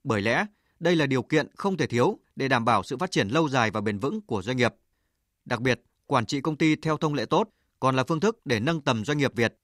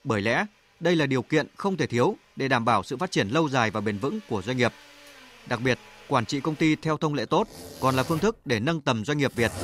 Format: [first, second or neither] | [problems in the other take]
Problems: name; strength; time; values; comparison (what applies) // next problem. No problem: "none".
first | household noises; noticeable; throughout; 20 dB below the speech